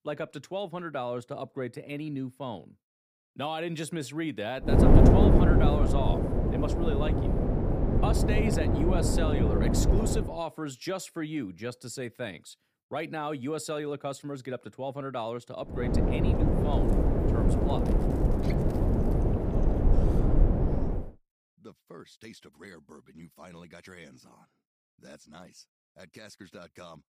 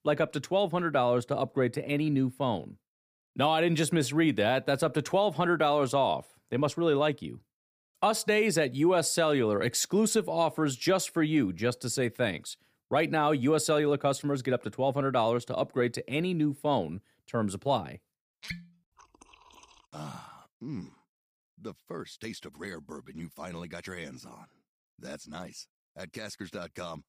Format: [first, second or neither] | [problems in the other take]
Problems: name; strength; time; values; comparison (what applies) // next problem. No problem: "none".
second | wind noise on the microphone; heavy; from 4.5 to 10 s and from 16 to 21 s; 3 dB above the speech